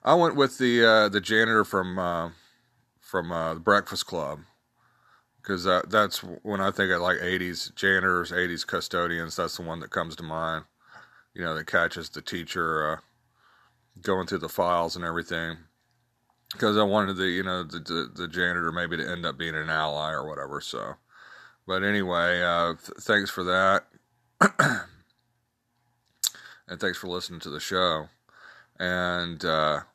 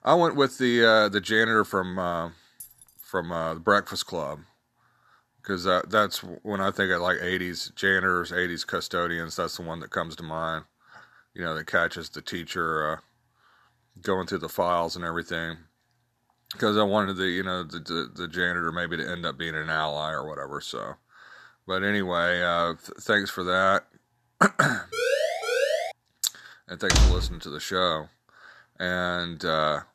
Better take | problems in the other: first | jangling keys; faint; at 2.5 s; peak 20 dB below the speech // siren; loud; at 25 s; peak 1 dB above the speech // door banging; loud; at 27 s; peak 5 dB above the speech

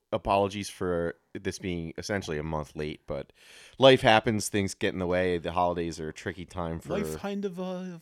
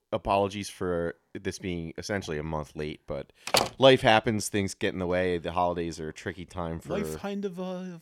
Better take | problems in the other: first | door banging; loud; at 3.5 s; peak 3 dB above the speech

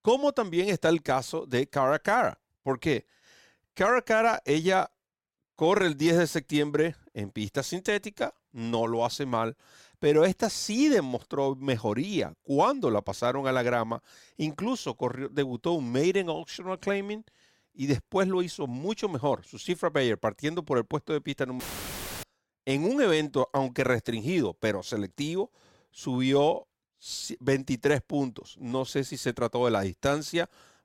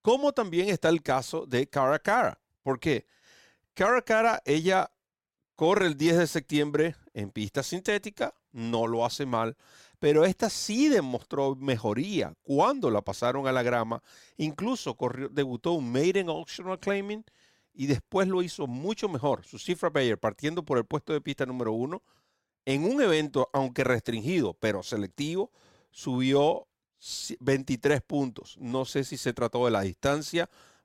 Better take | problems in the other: second | audio cutting out; filled with static; at 22 s for 0.5 s

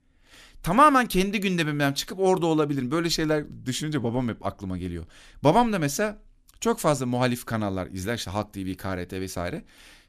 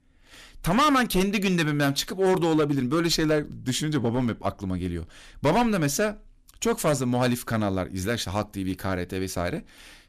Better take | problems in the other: first | distortion; heavy; 5% of the sound clipped

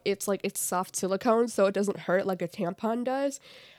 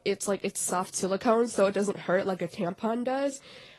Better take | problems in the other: first | garbled, watery; slightly; nothing above 11 kHz

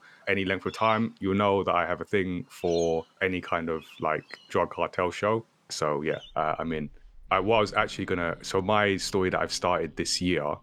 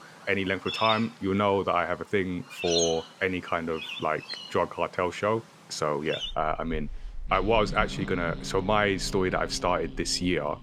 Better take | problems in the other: first | animal sounds; loud; throughout; 8 dB below the speech; faint in the first

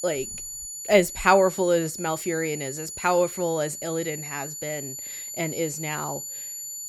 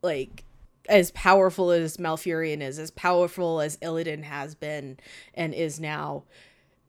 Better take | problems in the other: second | high-pitched whine; loud; throughout; 7 kHz, 8 dB below the speech

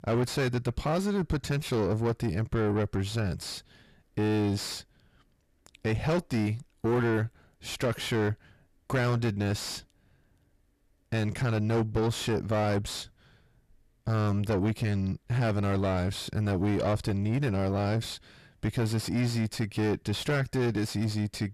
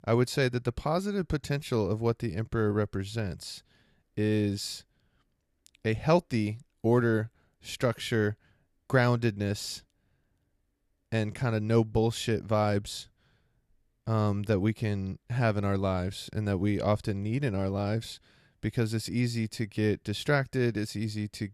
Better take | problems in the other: second | distortion; heavy; 7 dB below the speech

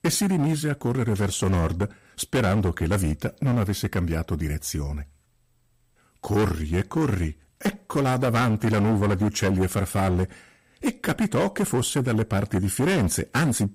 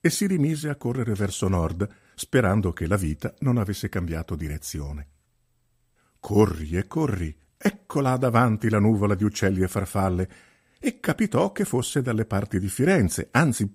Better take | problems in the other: second | distortion; heavy; 14% of the sound clipped

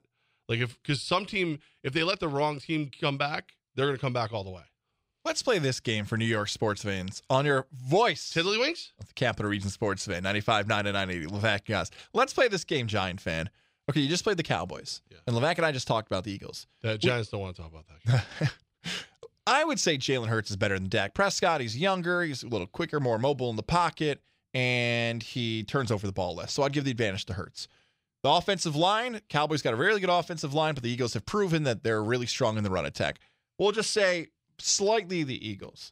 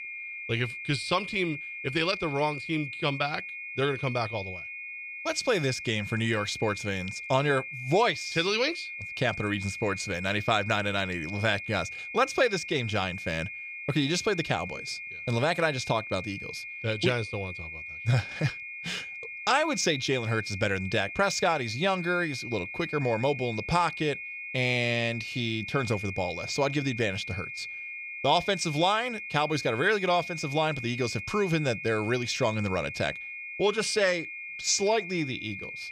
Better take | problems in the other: first | high-pitched whine; loud; throughout; 2.5 kHz, 8 dB below the speech

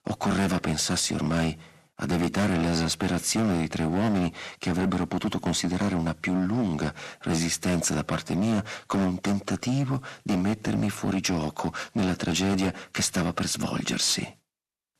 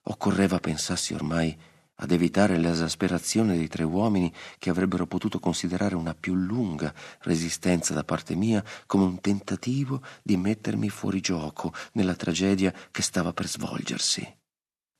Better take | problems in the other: second | distortion; heavy; 15% of the sound clipped

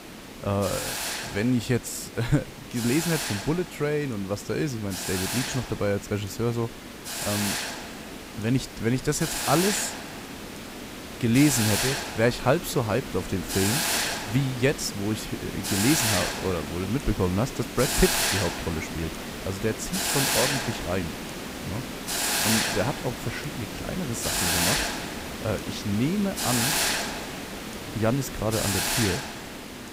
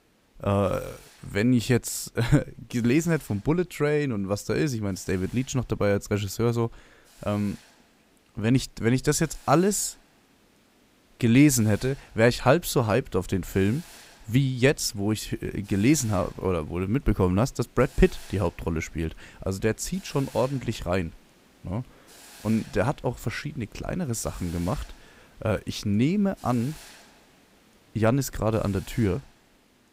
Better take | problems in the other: second | hiss; loud; throughout; as loud as the speech; faint in the second

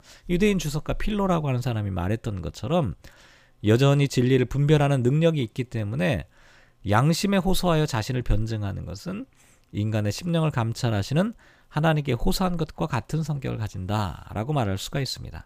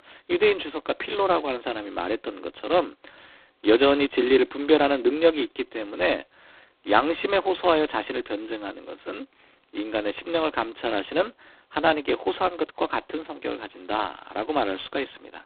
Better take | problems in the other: first | phone-call audio; poor line; nothing above 4 kHz

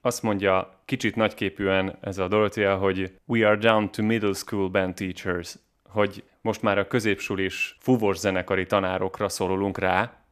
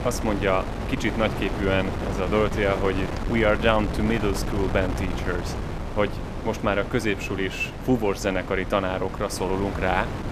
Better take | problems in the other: first | wind noise on the microphone; heavy; 8 dB below the speech

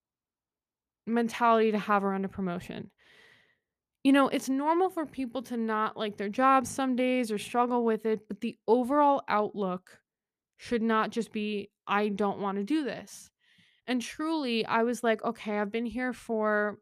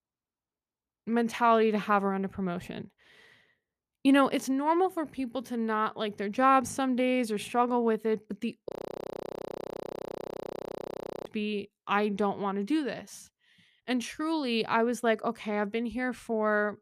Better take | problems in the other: first | audio freezing; at 8.5 s for 2.5 s

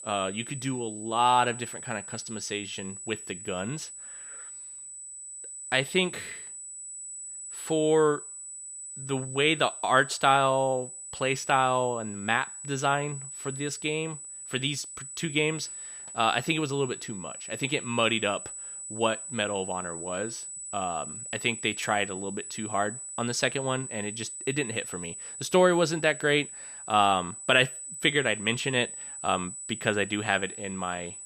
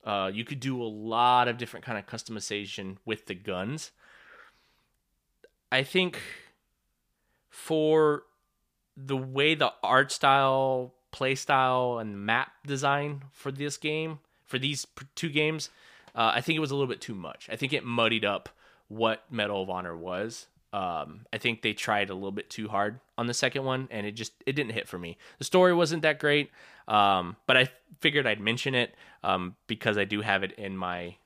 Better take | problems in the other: second | high-pitched whine; loud; throughout; 8 kHz, 10 dB below the speech

